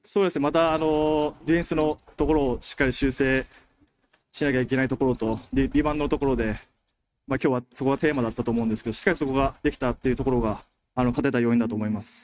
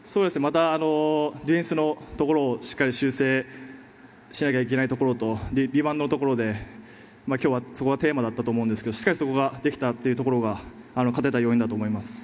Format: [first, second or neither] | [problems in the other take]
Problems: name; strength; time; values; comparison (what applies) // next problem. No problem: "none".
second | noise reduction (neural mask model RNNoise)